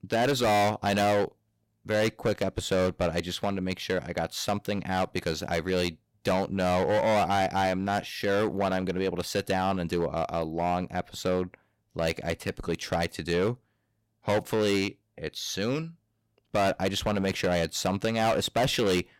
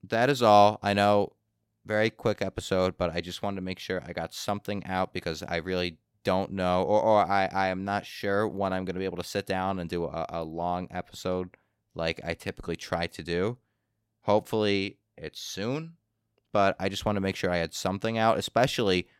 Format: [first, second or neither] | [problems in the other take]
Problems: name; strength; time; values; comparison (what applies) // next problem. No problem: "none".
second | distortion; heavy; 11% of the sound clipped